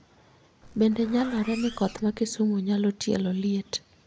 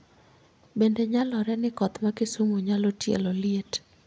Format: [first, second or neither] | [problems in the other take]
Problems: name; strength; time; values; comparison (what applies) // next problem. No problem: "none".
second | background sound (Zipper (clothing)); 18 dB below the speech